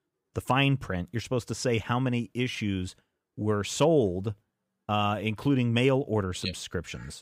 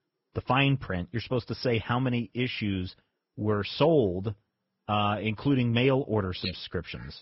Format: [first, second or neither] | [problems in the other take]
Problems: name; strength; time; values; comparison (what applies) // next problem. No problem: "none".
first | garbled, watery; badly; nothing above 5.5 kHz